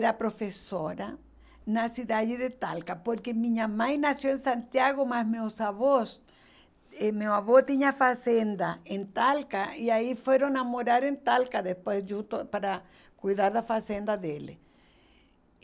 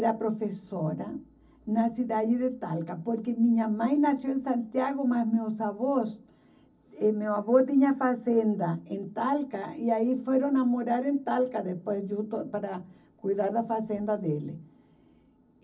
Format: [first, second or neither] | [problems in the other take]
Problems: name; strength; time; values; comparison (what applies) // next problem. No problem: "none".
first | room echo; dies away in 0.4 s